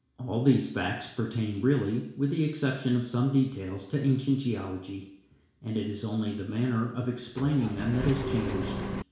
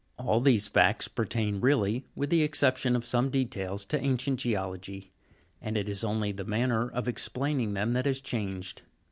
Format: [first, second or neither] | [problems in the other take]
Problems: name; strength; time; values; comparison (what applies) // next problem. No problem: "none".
second | background sound (Engine); 5 dB below the speech // room echo; dies away in 0.7 s